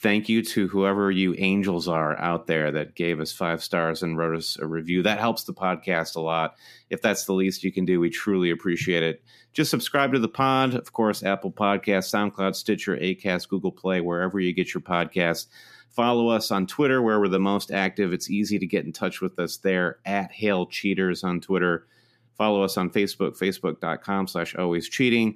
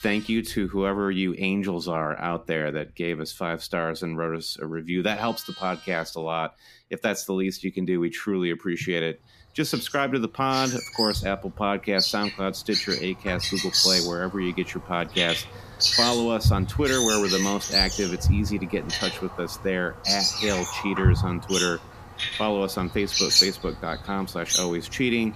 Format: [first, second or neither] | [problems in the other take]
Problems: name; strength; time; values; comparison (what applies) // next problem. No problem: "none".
first | animal sounds; very loud; throughout; 3 dB above the speech